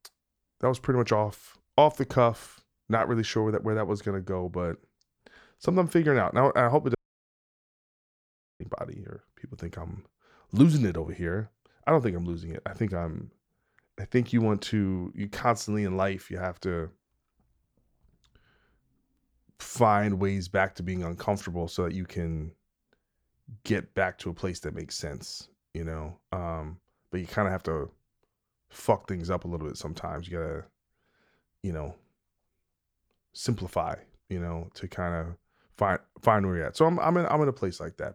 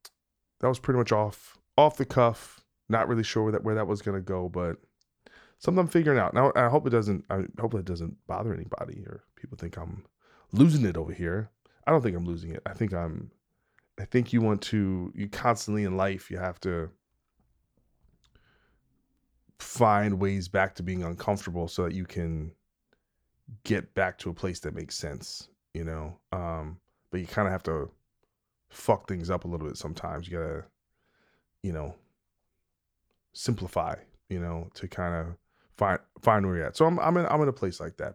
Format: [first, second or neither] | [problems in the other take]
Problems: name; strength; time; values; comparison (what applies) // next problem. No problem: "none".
second | audio cutting out; at 7 s for 1.5 s